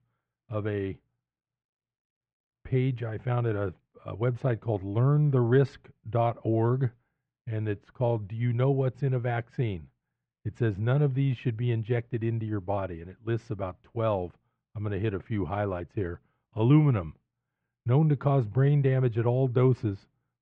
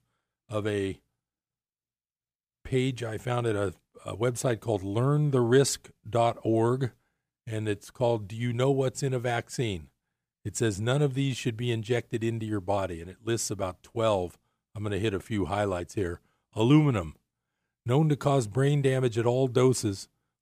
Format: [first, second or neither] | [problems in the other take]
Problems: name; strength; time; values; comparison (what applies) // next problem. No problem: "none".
second | muffled; very; fading above 2.5 kHz